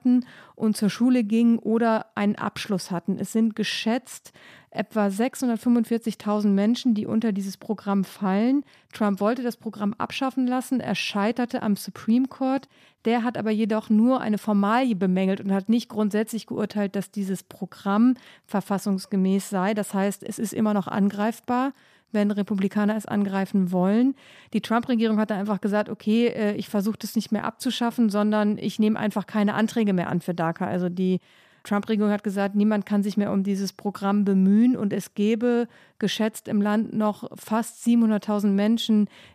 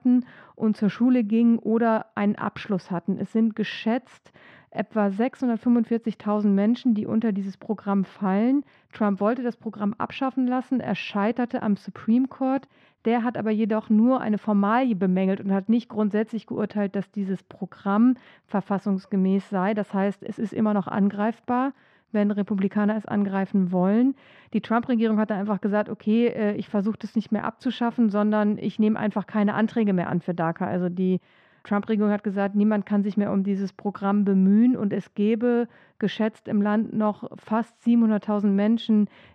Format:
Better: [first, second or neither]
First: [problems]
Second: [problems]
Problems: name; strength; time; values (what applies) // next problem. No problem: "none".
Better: first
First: none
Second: muffled; slightly; fading above 2.5 kHz